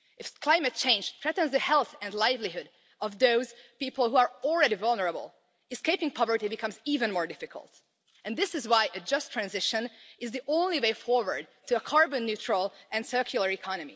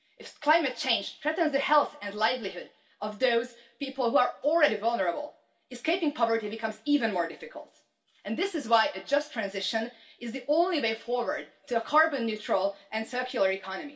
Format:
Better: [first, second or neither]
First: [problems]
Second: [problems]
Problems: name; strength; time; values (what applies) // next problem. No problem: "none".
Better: first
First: none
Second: room echo; dies away in 0.2 s